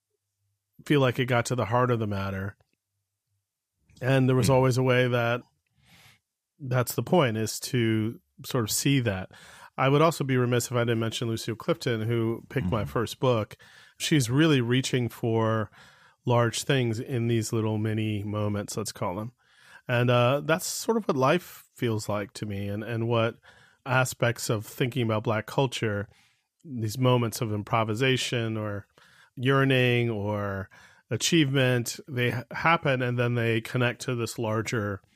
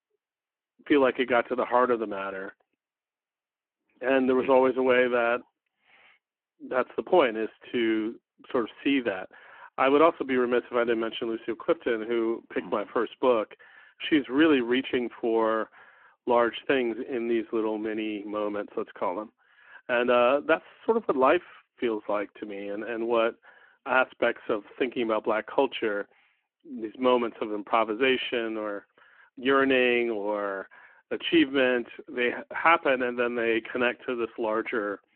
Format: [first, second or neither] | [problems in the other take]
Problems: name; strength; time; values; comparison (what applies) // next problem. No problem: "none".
first | phone-call audio